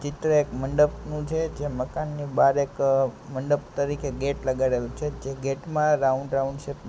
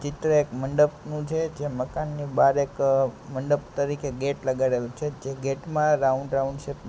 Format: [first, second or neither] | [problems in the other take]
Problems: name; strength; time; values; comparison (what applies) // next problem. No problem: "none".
second | background sound (Bowed string instrument); 15 dB below the speech